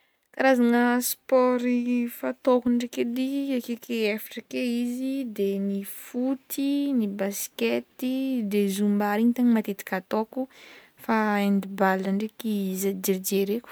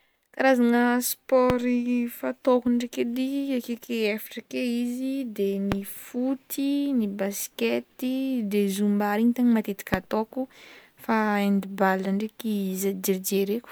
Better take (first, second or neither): first